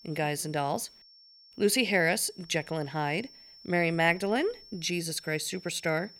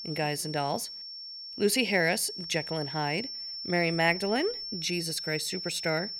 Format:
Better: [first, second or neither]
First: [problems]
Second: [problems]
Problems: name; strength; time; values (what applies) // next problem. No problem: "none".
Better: first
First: high-pitched whine; faint; throughout; 5.5 kHz, 20 dB below the speech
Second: high-pitched whine; loud; throughout; 5.5 kHz, 7 dB below the speech